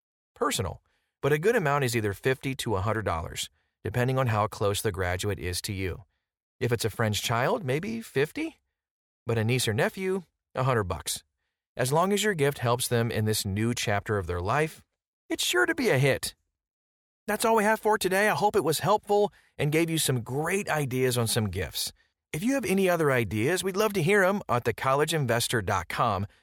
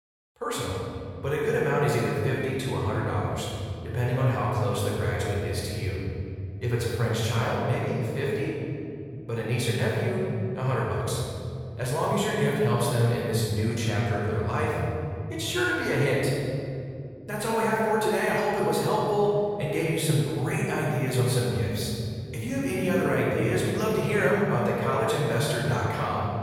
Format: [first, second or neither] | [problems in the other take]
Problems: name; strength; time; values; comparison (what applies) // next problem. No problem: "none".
first | room echo; strong; dies away in 3 s // off-mic speech; far